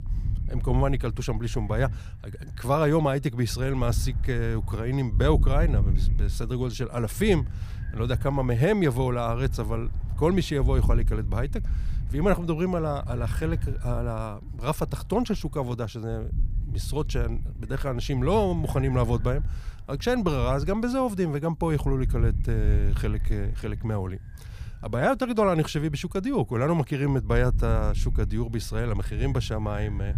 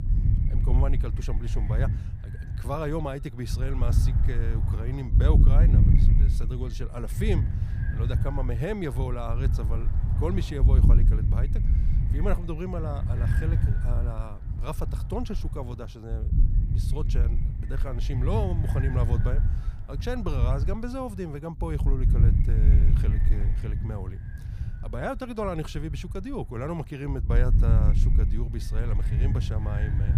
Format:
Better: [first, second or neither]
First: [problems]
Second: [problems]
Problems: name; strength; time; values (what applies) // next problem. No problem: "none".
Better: first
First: wind noise on the microphone; occasional gusts; 20 dB below the speech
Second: wind noise on the microphone; heavy; 5 dB below the speech